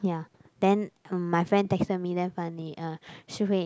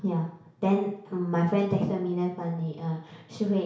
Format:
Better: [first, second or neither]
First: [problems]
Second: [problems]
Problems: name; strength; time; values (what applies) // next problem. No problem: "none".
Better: first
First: none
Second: room echo; dies away in 0.6 s